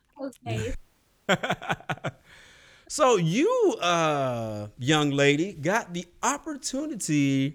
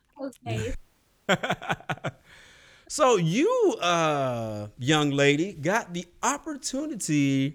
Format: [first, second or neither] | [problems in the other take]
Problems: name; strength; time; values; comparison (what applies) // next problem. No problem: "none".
neither | audio cutting out; at 1 s for 0.5 s; the same in both